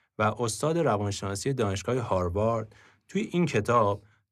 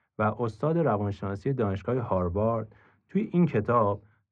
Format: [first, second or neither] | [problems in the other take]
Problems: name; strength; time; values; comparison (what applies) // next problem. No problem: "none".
first | muffled; very; fading above 1.5 kHz